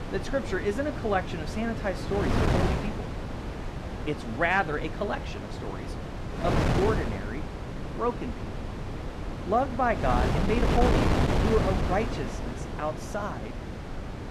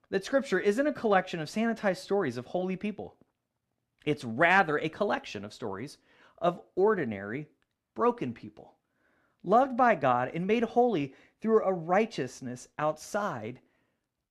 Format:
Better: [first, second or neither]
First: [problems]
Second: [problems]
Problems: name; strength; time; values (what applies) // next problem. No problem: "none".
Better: second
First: wind noise on the microphone; heavy; 5 dB below the speech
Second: none